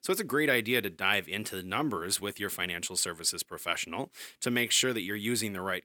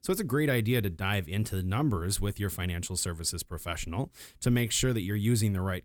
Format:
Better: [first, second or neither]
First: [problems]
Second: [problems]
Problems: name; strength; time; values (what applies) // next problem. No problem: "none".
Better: second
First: thin; somewhat; fading below 300 Hz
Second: none